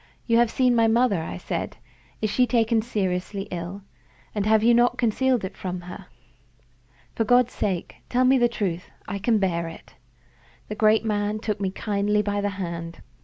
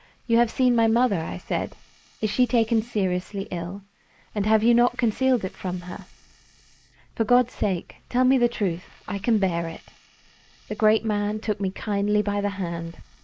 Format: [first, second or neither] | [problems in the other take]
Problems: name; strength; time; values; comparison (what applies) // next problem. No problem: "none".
first | noise reduction (neural mask model Resemble Enhance denoiser)